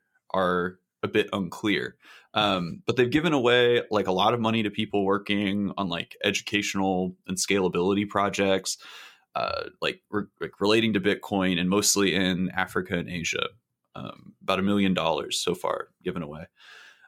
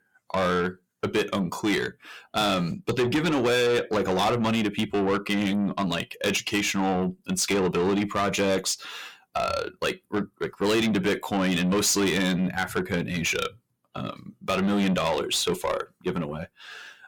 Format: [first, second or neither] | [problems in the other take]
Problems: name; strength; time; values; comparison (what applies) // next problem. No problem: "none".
first | distortion; heavy; 8 dB below the speech